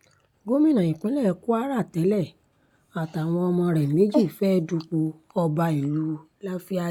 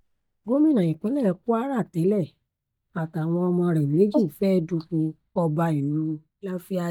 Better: first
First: none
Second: noise reduction (neural mask model DeepFilterNet 3)

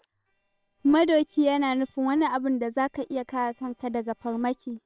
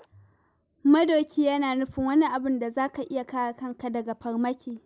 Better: second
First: noise reduction (neural separator model SepFormer WHAM!)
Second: none

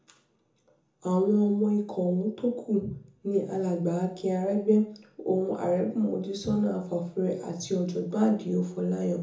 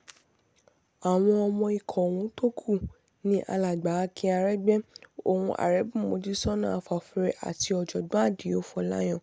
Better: second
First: room echo; dies away in 0.6 s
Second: none

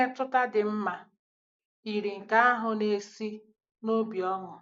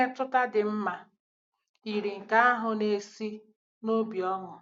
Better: second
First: noise reduction (neural mask model Resemble Enhance denoiser)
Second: none

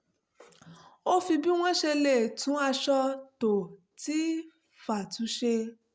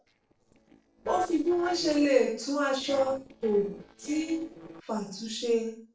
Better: first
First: none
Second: noise reduction (neural separator model SepFormer DNS4)

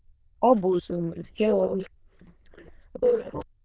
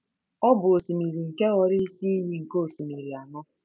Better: second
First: noise reduction (neural diffusion model UNIVERSE++)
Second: none

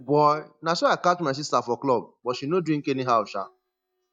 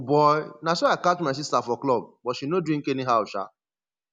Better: second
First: noise reduction (neural mask model DeepFilterNet 3)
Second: none

